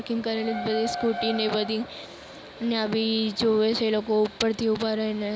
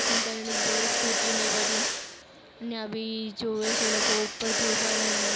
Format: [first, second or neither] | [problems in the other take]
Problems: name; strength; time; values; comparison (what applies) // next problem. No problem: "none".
first | background sound (Mechanisms); 5 dB above the speech